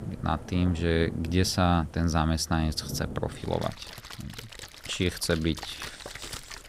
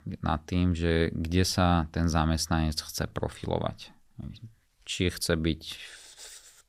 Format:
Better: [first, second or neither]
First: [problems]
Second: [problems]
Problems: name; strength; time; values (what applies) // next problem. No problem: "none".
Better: second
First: rain or running water; noticeable; throughout; 15 dB below the speech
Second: none